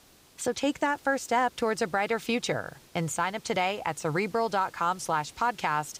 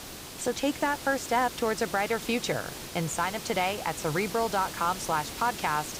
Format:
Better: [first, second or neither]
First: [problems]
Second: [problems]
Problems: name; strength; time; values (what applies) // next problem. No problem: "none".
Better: first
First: hiss; faint; throughout; 25 dB below the speech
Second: hiss; loud; throughout; 9 dB below the speech